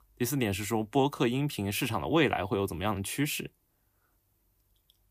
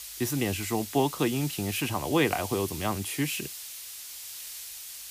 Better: first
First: none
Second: hiss; loud; throughout; 9 dB below the speech

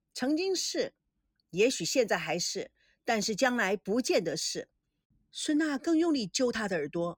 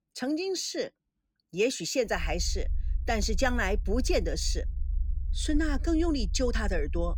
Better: first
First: none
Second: low rumble; faint; from 2 s on; 25 dB below the speech

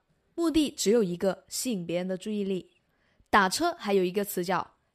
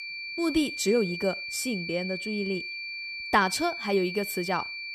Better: first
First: none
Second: high-pitched whine; loud; throughout; 2.5 kHz, 5 dB below the speech

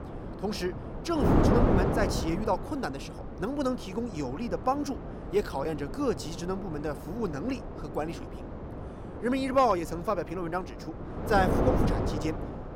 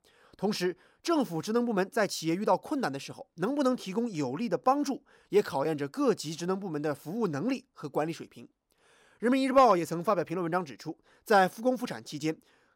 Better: second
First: wind noise on the microphone; heavy; 5 dB below the speech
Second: none

